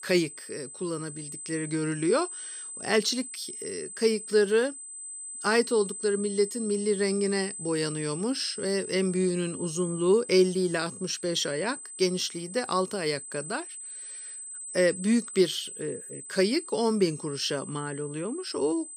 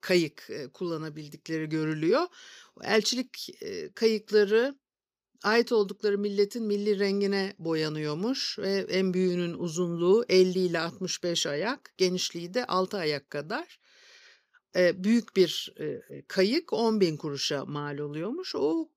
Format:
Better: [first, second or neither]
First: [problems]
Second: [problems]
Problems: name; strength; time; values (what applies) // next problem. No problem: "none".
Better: second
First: high-pitched whine; loud; throughout; 8 kHz, 10 dB below the speech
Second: none